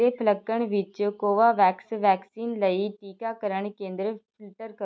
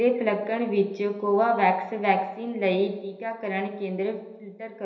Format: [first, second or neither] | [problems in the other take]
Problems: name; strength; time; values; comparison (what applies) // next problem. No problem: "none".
first | room echo; dies away in 1.4 s